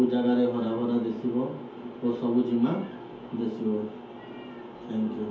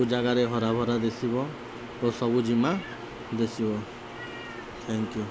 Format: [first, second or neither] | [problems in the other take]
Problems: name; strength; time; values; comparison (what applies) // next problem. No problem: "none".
second | room echo; dies away in 0.5 s